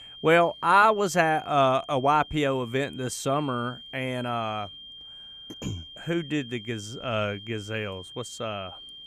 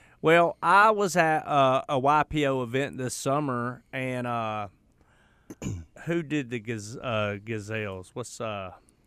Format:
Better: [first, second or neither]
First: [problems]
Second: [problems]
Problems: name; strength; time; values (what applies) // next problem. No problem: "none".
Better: second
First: high-pitched whine; noticeable; throughout; 3 kHz, 15 dB below the speech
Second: none